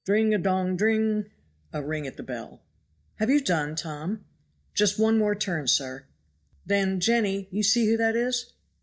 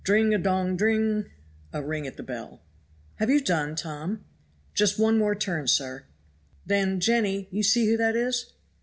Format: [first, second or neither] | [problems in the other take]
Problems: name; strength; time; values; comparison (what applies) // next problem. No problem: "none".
second | noise reduction (neural mask model DeepFilterNet 3)